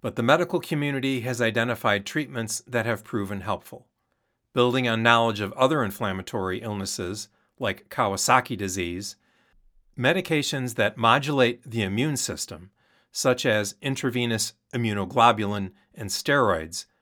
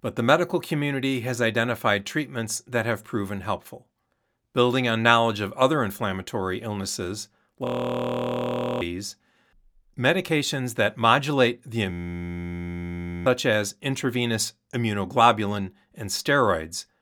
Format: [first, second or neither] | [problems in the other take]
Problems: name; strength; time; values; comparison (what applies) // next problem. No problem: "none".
first | audio freezing; at 7.5 s for 1 s and at 12 s for 1.5 s